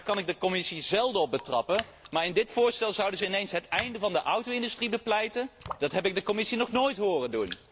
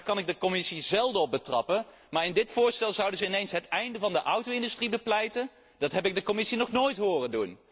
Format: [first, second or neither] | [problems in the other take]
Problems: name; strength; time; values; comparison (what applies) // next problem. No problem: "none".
second | background sound (Raindrop); 18 dB below the speech